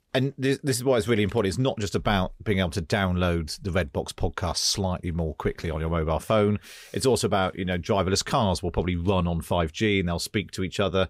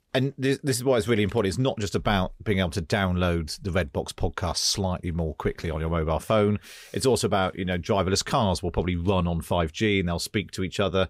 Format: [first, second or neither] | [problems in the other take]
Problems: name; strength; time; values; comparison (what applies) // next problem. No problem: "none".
neither | none